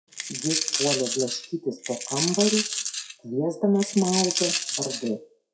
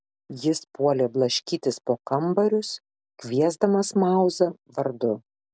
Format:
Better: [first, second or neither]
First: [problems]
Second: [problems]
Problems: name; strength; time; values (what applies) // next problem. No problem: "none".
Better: second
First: noise reduction (classical method WPE with log-MMSE)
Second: none